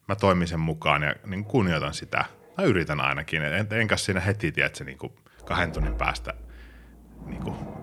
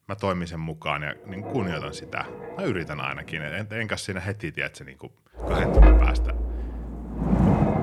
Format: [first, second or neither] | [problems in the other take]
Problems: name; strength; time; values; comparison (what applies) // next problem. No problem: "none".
first | wind noise on the microphone; heavy; from 1 to 3.5 s and from 5.5 s on; as loud as the speech; occasional gusts in the first